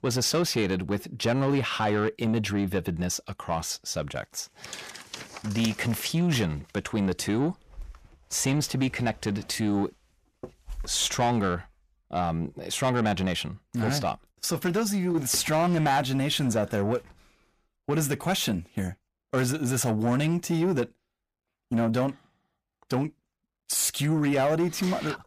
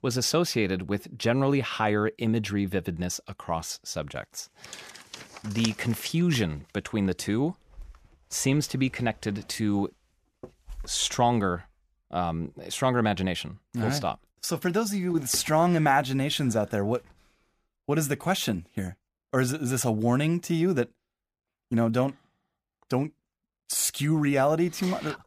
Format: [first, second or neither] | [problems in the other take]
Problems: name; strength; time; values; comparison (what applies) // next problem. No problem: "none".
second | distortion; slight; 10 dB below the speech